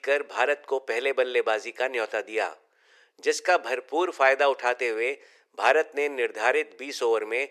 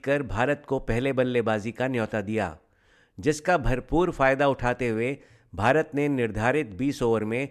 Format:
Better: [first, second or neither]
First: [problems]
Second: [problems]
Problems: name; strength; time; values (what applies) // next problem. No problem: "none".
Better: second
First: thin; very; fading below 400 Hz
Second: none